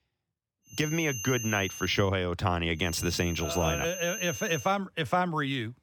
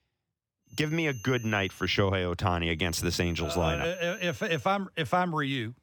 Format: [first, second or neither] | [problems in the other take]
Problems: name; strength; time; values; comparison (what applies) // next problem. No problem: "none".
second | high-pitched whine; loud; from 1 to 2 s and from 3 to 4.5 s; 6.5 kHz, 9 dB below the speech; faint in the second